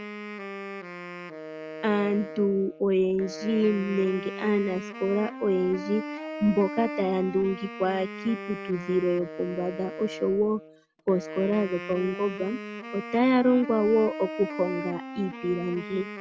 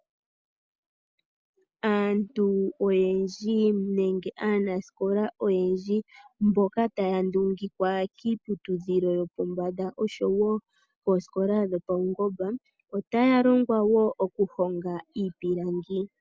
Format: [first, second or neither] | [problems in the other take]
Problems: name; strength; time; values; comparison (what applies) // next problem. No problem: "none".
second | background sound (Wind instrument, woodwind instrument); 11 dB below the speech